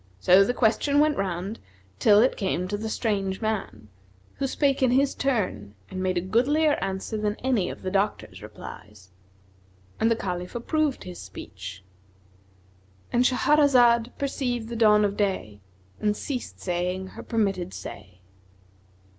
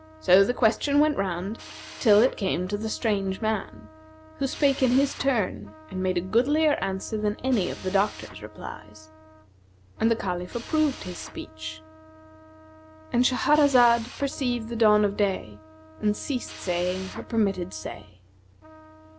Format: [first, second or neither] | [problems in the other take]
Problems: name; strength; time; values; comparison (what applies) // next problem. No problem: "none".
first | background sound (Trumpet + Drill); 20 dB below the speech